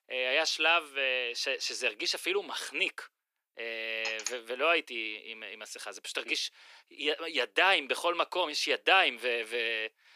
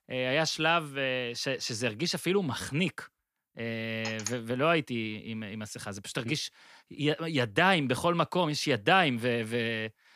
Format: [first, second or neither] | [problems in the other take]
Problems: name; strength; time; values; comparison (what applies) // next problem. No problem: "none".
second | thin; very; fading below 350 Hz